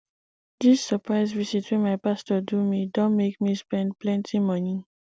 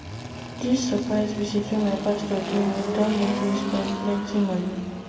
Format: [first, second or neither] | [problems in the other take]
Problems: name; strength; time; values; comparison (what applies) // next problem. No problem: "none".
first | background sound (Engine); 7 dB below the speech // room echo; dies away in 1.8 s